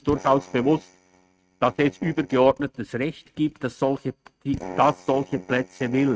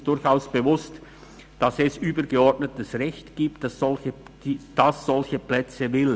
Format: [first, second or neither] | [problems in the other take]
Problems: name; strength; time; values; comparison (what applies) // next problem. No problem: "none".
second | noise reduction (neural mask model RNNoise)